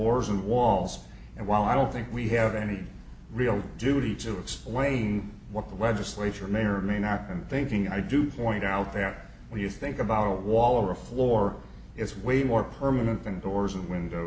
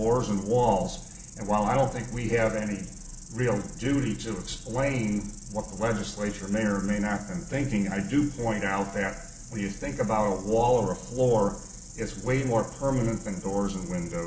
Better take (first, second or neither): first